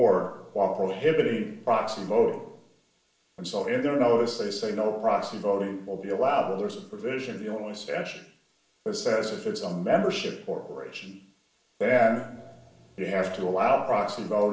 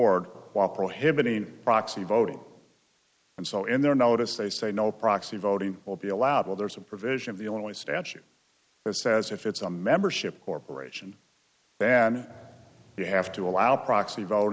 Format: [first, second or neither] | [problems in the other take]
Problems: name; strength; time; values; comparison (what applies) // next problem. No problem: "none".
second | room echo; dies away in 0.6 s